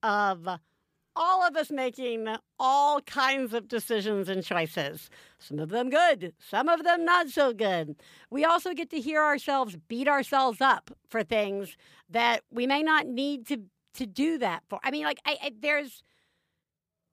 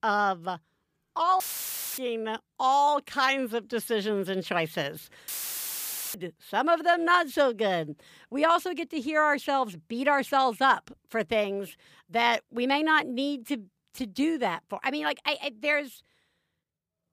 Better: first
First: none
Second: audio cutting out; filled with static; at 1.5 s for 0.5 s and at 5.5 s for 1 s

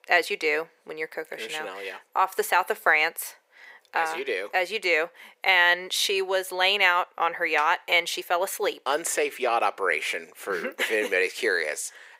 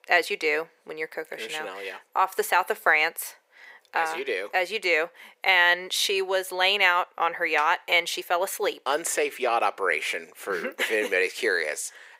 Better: neither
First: thin; very; fading below 400 Hz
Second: thin; very; fading below 400 Hz

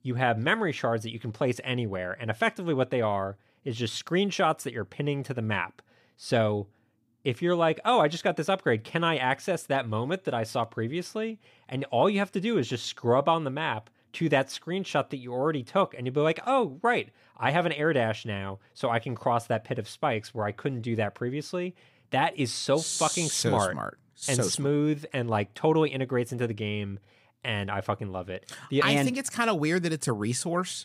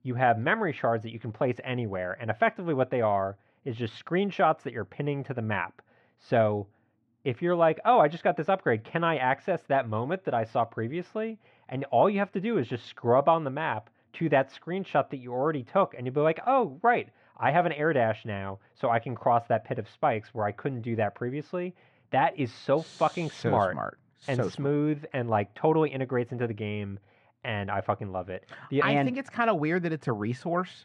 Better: first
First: none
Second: muffled; very; fading above 2 kHz

